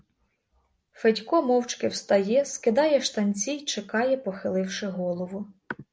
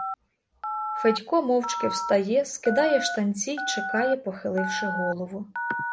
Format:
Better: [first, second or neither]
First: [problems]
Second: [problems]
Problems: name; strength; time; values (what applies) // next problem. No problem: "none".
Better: first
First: none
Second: background sound (Telephone); 6 dB below the speech